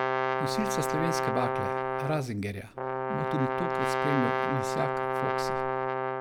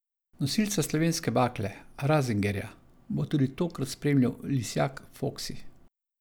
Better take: second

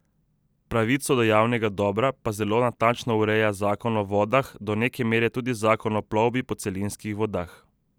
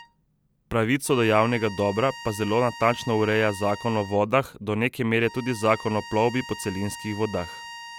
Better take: first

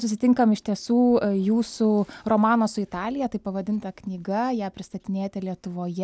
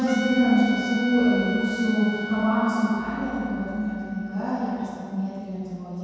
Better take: first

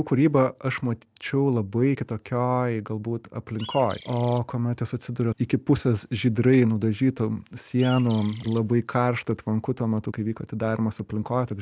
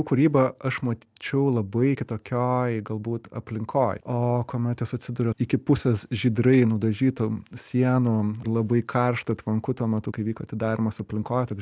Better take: second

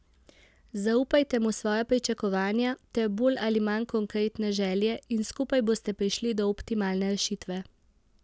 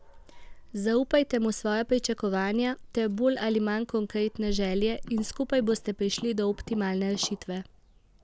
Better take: first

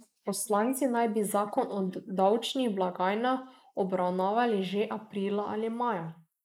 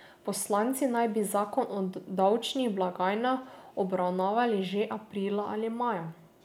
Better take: second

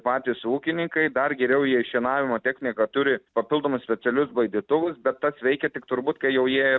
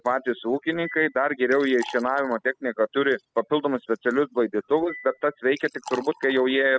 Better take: first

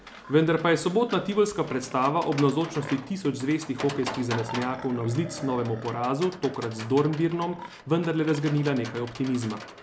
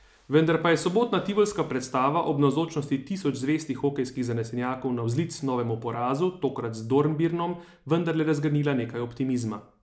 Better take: second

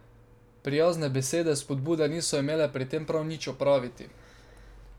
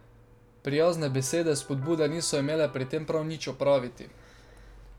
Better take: first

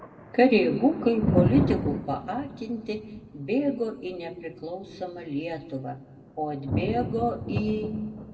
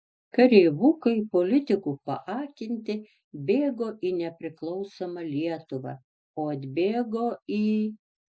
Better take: second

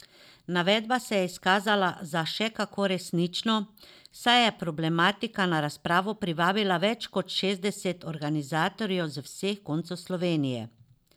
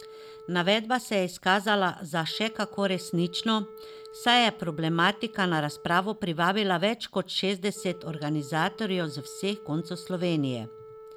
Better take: first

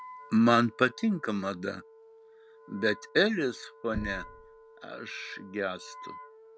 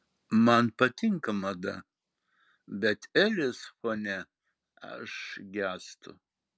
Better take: second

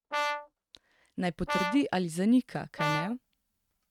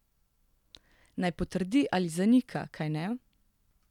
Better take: second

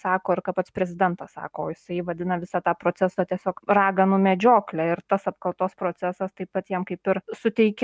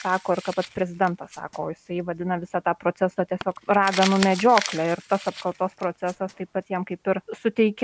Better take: first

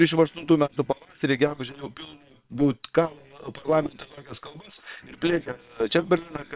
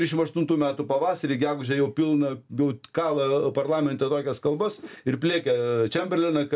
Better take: second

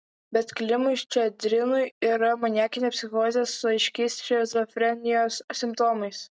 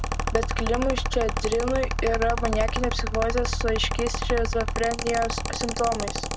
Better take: first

